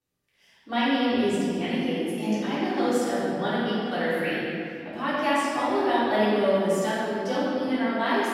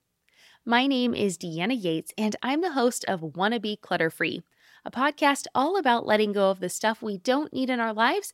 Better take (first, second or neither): second